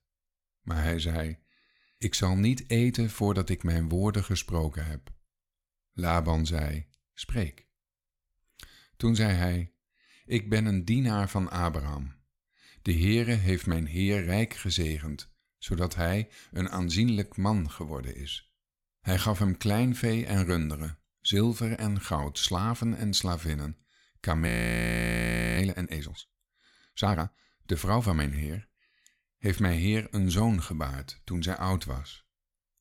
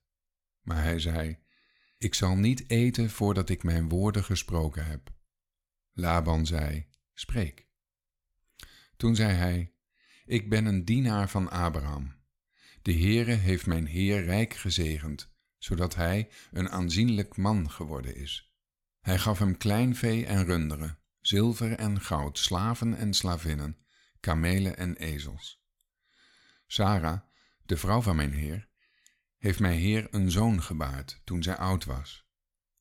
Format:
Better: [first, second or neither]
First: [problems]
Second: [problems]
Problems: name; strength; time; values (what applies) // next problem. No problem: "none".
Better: second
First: audio freezing; at 24 s for 1 s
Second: none